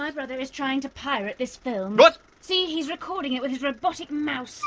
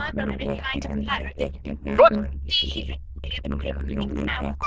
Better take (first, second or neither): first